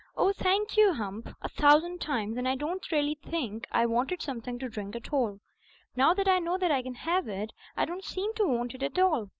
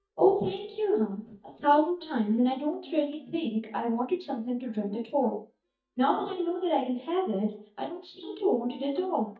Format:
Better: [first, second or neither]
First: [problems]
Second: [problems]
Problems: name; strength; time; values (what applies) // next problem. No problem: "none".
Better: first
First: none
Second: noise reduction (neural mask model DeepFilterNet 3)